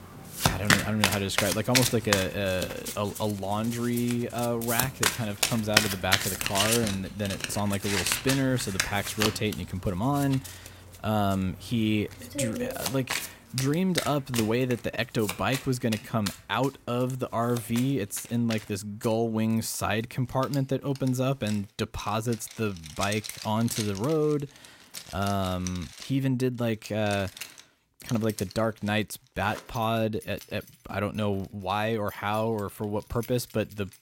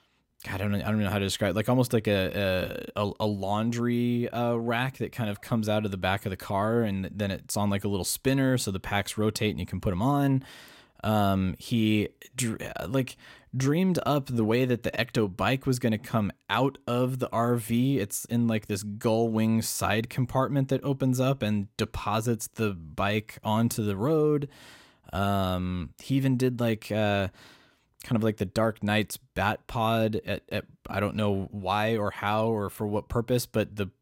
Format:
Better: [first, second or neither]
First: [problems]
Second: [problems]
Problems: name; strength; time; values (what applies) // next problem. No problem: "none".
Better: second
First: household noises; loud; throughout; 2 dB below the speech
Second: none